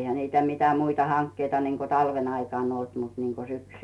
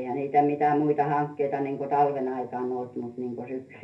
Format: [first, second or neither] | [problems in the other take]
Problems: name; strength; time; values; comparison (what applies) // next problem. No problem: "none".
first | room echo; dies away in 0.3 s